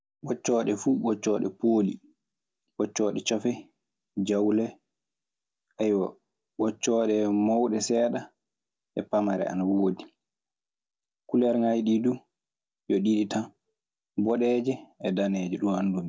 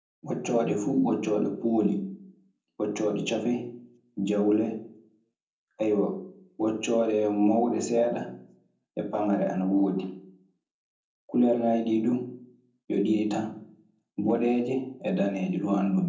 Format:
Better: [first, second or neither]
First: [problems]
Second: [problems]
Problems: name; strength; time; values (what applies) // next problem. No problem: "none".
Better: first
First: none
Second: room echo; dies away in 0.6 s